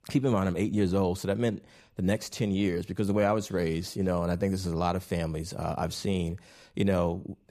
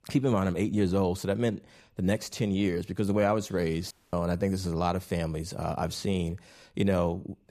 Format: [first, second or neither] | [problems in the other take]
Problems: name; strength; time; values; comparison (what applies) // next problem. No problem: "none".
first | audio cutting out; at 4 s